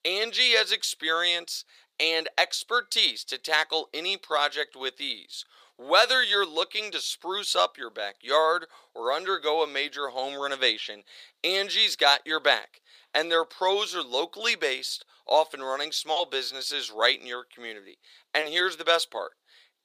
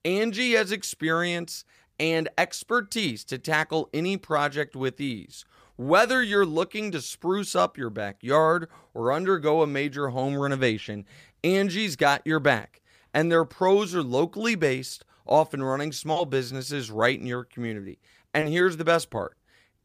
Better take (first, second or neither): second